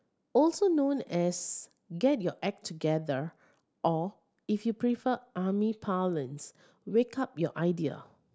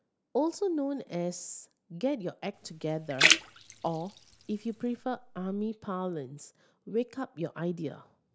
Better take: first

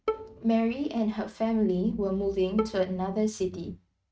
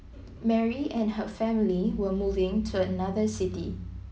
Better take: second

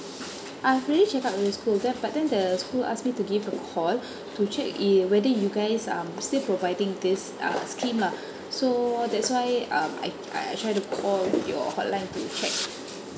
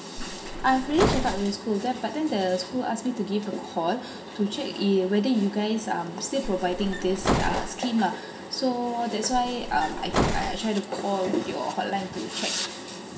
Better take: first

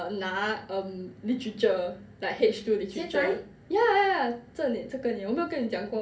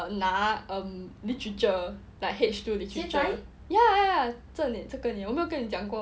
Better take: second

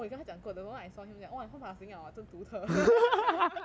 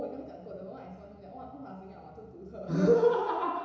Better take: first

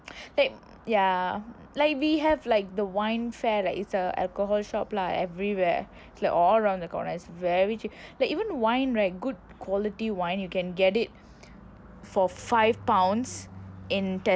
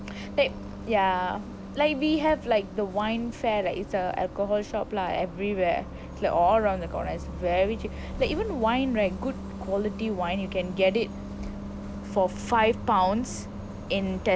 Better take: first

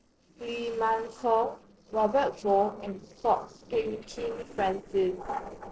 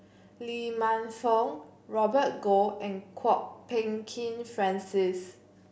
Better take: second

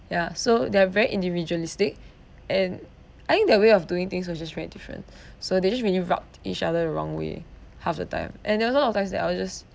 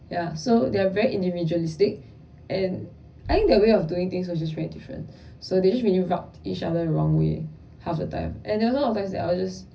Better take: first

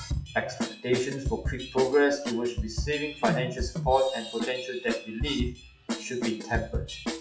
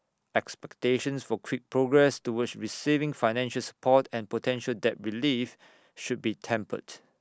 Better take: second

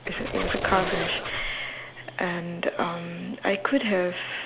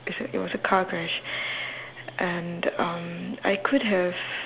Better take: second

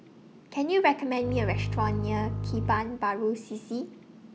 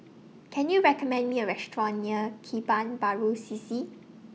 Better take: second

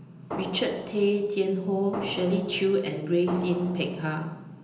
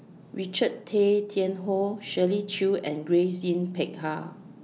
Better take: second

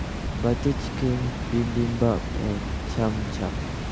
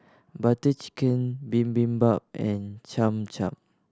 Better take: second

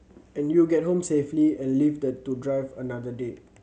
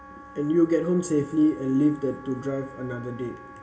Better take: first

